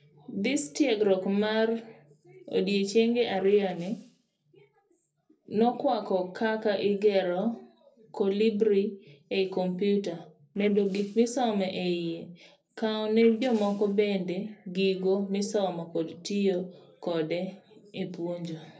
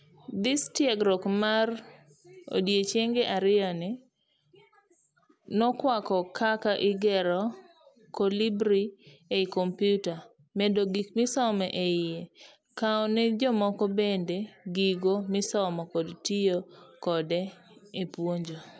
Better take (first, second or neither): second